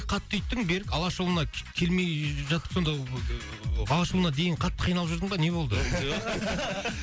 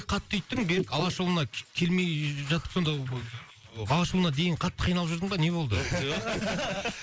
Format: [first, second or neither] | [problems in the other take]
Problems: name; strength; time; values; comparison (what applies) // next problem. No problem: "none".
first | noise reduction (neural mask model Resemble Enhance denoiser)